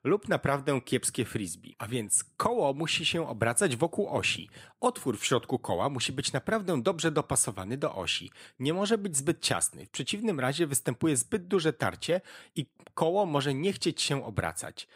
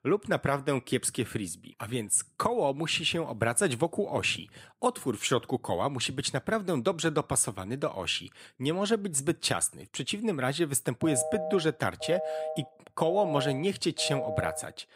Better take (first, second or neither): first